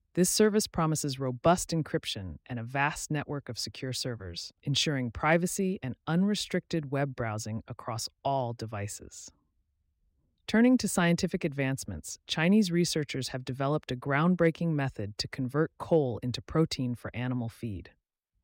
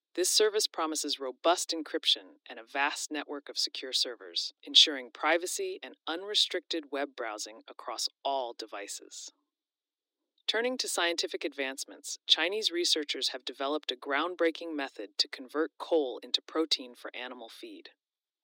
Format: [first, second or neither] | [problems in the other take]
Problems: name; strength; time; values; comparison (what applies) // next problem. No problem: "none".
first | thin; very; fading below 300 Hz